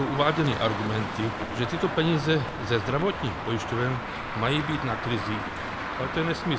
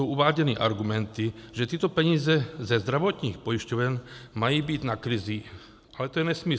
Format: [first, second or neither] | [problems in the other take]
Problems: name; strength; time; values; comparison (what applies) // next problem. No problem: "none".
second | background sound (Traffic noise, roadway noise); 5 dB below the speech